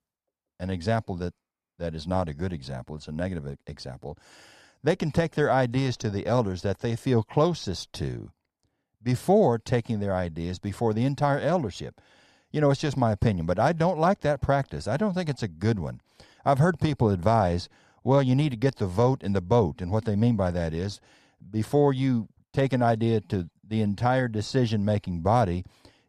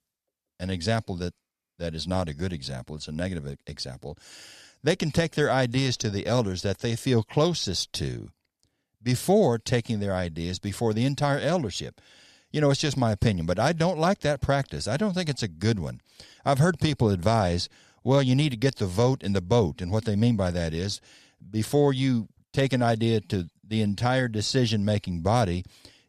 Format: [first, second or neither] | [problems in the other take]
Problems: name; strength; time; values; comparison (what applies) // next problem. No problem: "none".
second | muffled; slightly; fading above 2 kHz